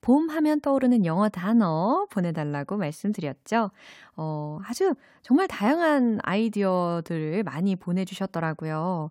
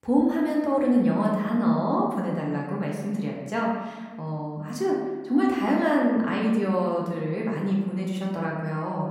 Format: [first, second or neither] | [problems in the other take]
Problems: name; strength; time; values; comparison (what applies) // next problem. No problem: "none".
first | room echo; noticeable; dies away in 1.1 s // off-mic speech; far